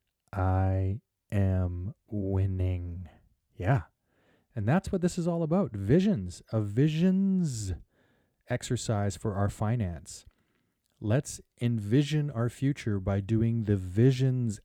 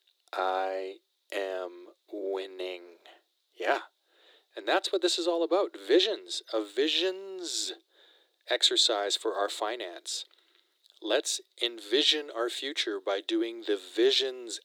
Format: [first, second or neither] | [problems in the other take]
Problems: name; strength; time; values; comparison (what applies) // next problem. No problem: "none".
first | thin; very; fading below 350 Hz